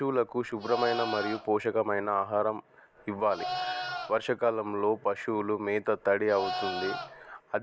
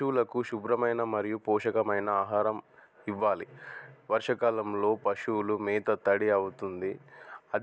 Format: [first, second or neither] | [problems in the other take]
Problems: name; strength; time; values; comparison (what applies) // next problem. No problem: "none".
second | background sound (Livestock, farm animals, working animals); 7 dB below the speech